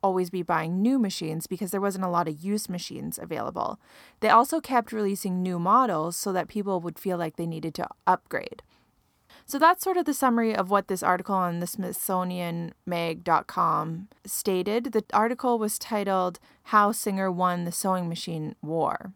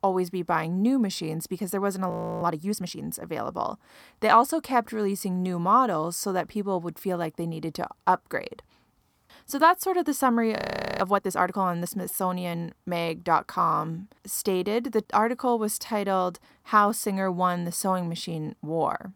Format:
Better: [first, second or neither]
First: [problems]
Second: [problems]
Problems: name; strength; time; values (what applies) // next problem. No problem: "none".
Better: first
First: none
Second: audio freezing; at 2 s and at 11 s